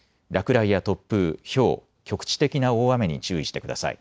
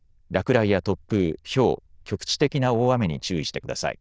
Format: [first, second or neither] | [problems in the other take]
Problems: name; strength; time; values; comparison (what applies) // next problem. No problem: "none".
first | noise reduction (neural diffusion model UNIVERSE++)